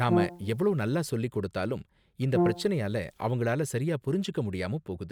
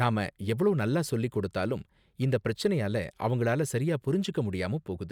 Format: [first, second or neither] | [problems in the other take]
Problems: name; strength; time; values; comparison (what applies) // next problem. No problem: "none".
second | background sound (Brass instrument); 2 dB below the speech